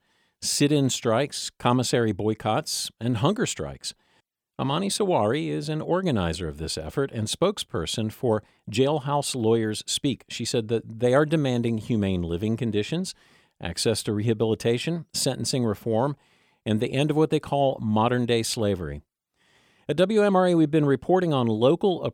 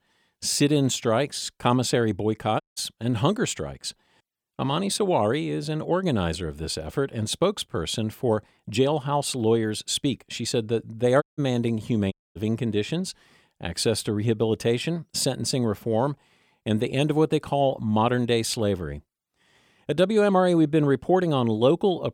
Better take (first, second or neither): first